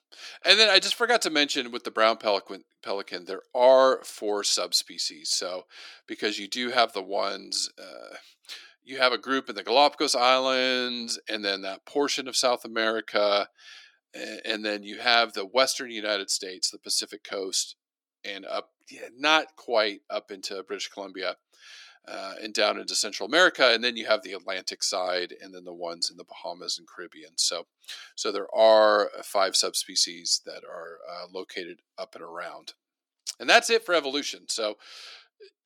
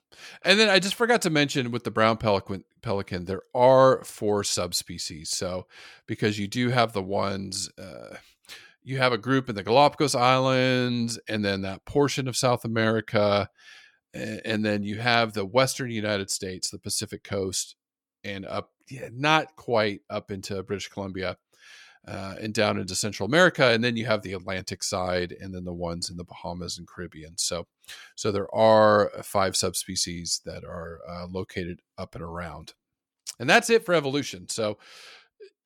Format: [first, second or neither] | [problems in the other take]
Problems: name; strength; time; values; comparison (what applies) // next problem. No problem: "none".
second | thin; somewhat; fading below 300 Hz